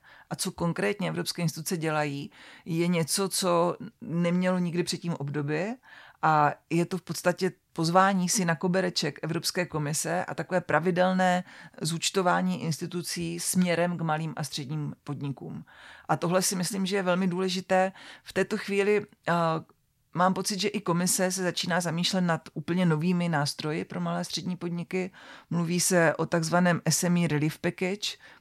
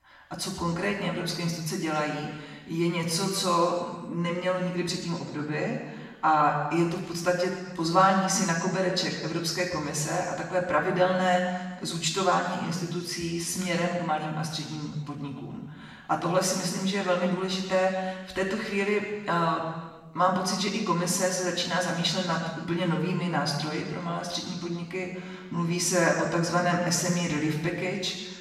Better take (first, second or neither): first